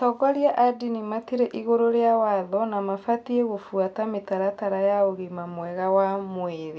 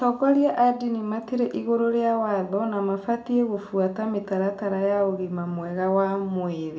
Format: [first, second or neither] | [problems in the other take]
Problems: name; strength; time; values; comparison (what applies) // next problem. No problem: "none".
first | room echo; dies away in 0.4 s